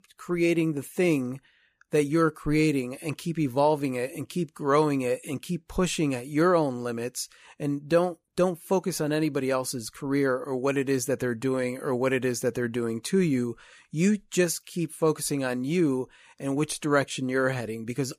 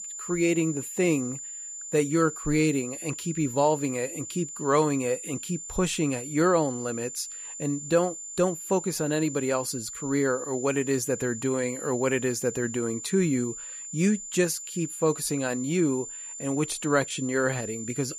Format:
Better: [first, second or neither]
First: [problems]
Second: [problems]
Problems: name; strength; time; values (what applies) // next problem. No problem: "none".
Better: first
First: none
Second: high-pitched whine; loud; throughout; 7 kHz, 9 dB below the speech